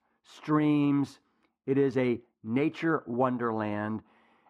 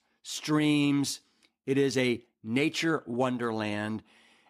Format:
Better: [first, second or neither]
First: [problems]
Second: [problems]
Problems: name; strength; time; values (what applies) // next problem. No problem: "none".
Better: second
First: muffled; very; fading above 2.5 kHz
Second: none